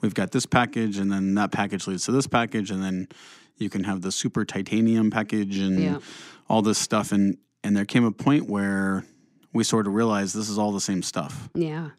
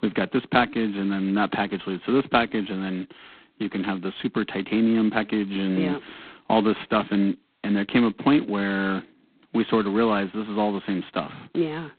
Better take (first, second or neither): first